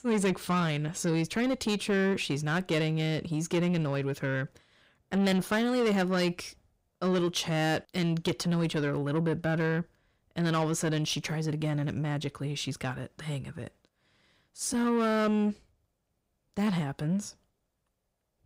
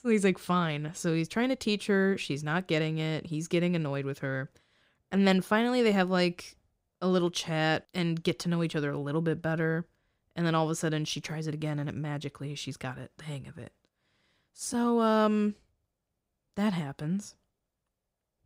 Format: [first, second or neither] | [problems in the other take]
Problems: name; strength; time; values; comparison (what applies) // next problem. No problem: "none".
second | distortion; slight; 10 dB below the speech